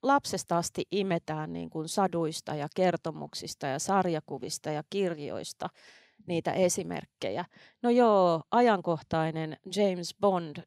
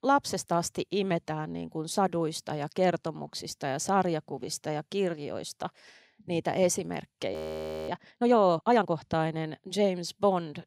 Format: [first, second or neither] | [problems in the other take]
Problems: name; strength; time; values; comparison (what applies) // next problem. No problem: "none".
first | audio freezing; at 7.5 s for 0.5 s